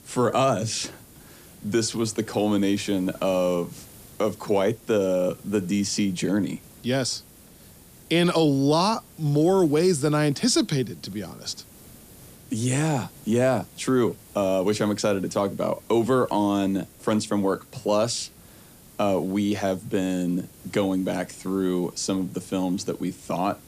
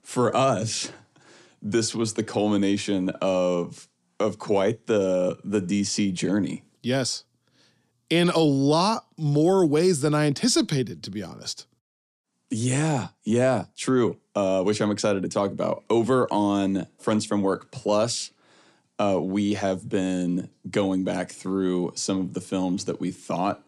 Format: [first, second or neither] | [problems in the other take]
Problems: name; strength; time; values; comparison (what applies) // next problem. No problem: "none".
second | hiss; faint; throughout; 25 dB below the speech